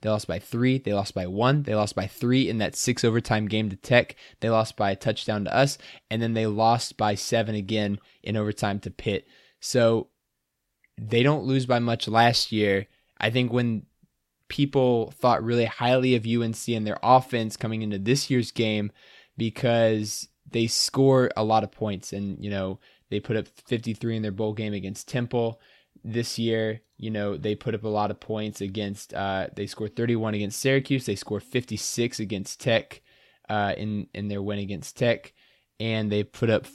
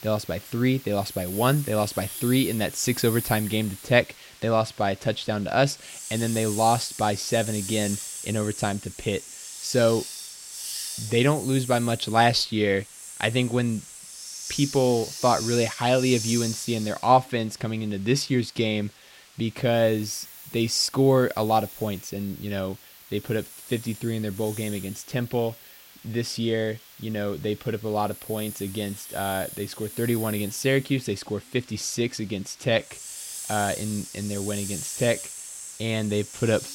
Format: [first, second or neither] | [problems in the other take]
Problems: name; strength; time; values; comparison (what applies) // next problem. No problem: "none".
first | hiss; loud; throughout; 10 dB below the speech